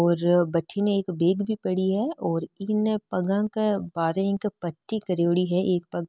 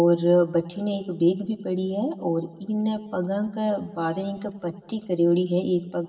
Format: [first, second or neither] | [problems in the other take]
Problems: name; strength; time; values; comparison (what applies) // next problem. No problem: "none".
first | room echo; dies away in 1.3 s